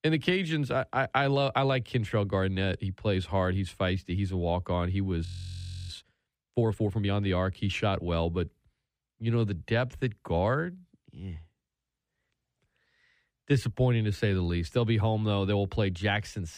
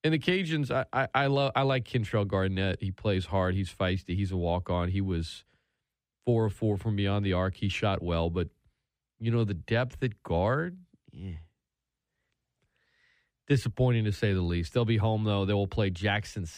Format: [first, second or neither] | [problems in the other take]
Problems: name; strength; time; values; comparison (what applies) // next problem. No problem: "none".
second | audio freezing; at 5.5 s for 0.5 s